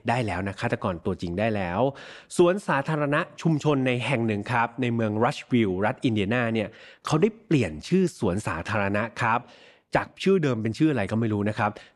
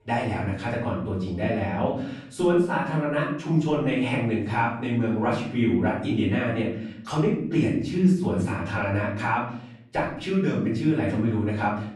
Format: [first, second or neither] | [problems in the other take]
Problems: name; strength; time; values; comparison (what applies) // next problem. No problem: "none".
first | off-mic speech; far // room echo; noticeable; dies away in 0.8 s